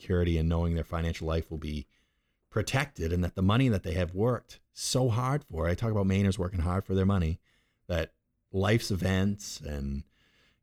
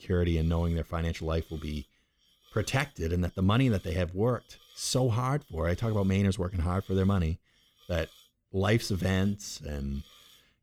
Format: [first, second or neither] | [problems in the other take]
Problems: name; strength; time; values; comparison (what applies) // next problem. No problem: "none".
first | hiss; faint; throughout; 25 dB below the speech